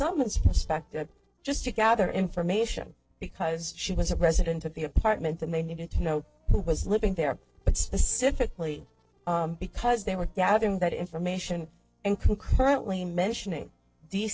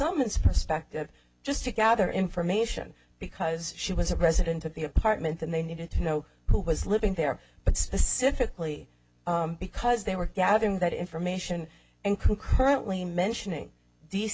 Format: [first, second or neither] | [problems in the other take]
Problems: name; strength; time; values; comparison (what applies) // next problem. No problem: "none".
second | noise reduction (neural separator model SepFormer DNS4)